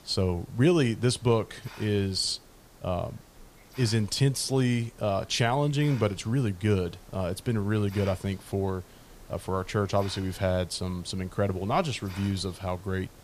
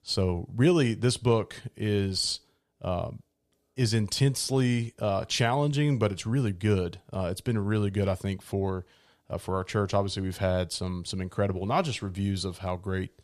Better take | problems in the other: second | hiss; faint; throughout; 20 dB below the speech

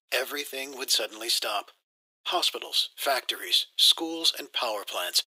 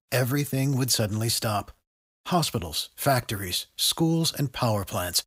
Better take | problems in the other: second | thin; very; fading below 350 Hz

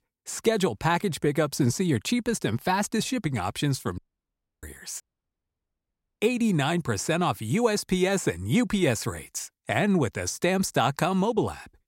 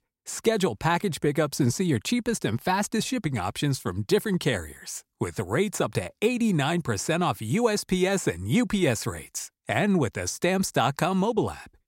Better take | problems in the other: second | audio cutting out; at 4 s for 0.5 s and at 5 s for 1 s

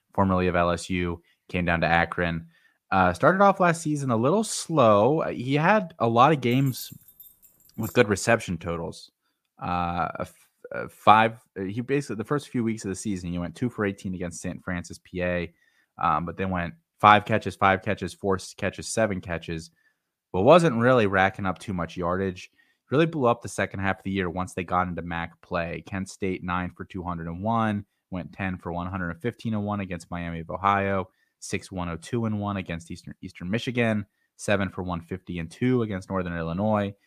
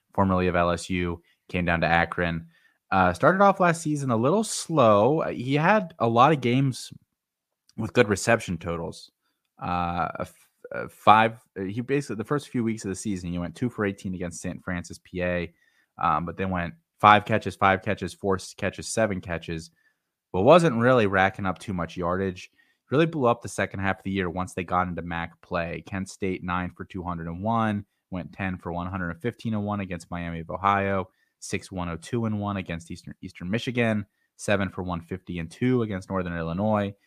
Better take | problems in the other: second | jangling keys; faint; from 6.5 to 8 s; peak 15 dB below the speech

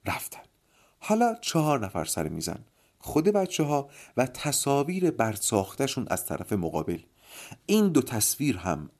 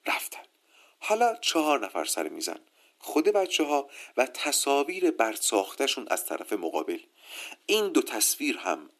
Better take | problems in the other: first | thin; somewhat; fading below 300 Hz

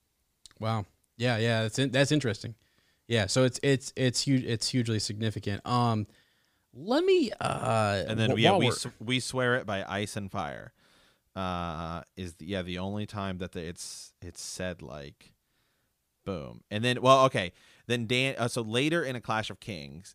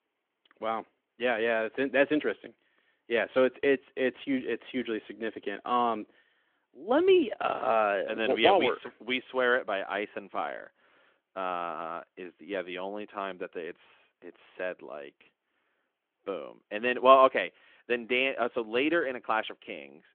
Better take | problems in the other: first | phone-call audio; nothing above 3.5 kHz

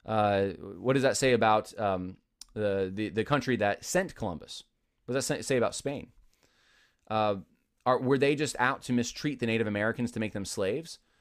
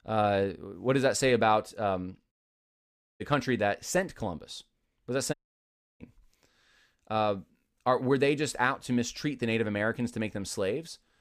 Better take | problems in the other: first | audio cutting out; at 2.5 s for 1 s and at 5.5 s for 0.5 s

